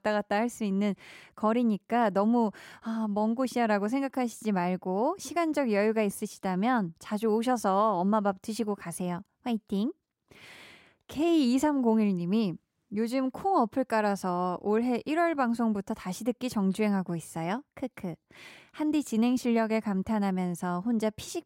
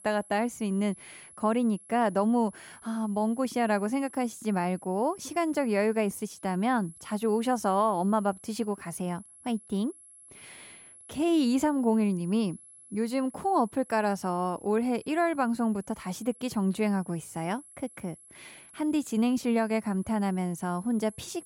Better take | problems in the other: first | high-pitched whine; faint; throughout; 11 kHz, 20 dB below the speech

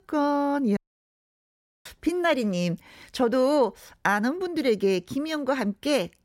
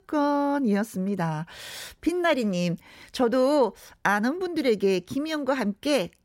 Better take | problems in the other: second | audio cutting out; at 1 s for 1 s

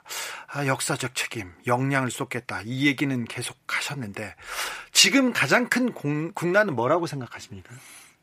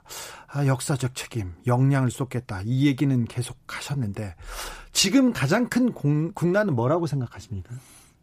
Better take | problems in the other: second | thin; somewhat; fading below 900 Hz

